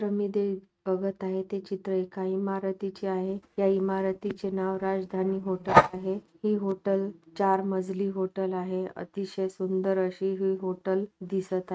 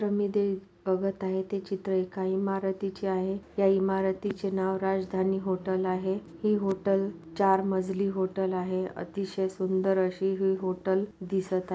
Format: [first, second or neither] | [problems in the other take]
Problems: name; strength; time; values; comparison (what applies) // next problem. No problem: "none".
second | noise reduction (neural mask model RNNoise)